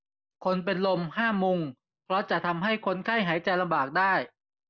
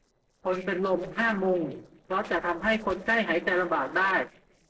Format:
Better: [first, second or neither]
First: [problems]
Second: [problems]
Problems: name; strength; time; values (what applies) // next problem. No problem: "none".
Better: first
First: none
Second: noise reduction (neural separator model SepFormer DNS4)